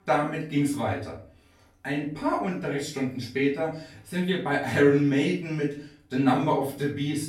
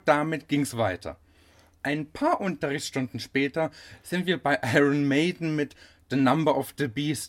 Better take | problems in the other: second | off-mic speech; far // room echo; slight; dies away in 0.4 s

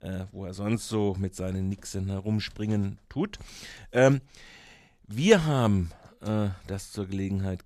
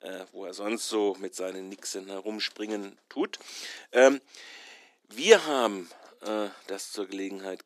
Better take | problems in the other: first | thin; somewhat; fading below 300 Hz

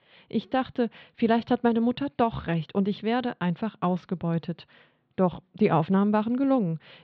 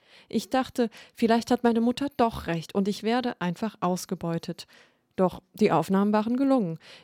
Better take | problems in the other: second | muffled; slightly; fading above 3.5 kHz

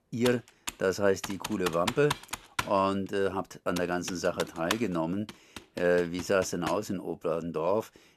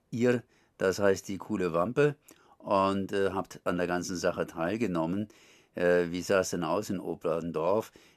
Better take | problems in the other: second | keyboard typing; noticeable; until 6.5 s; peak 3 dB below the speech

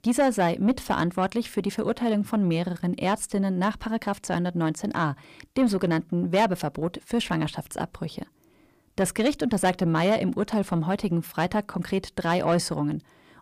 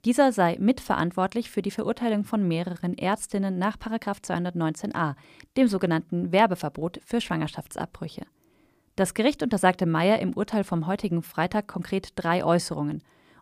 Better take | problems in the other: second | distortion; slight; 10 dB below the speech

